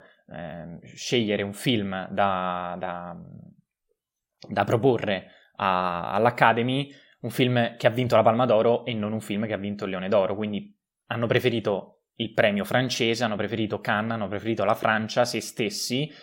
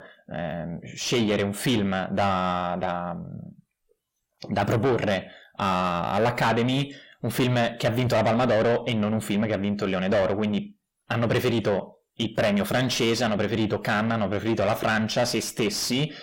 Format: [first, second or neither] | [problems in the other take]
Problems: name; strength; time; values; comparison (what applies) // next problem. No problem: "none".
first | distortion; heavy; 6 dB below the speech